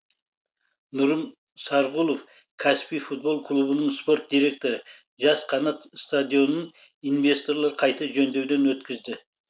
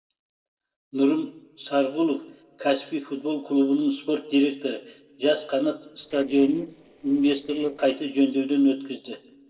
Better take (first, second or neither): first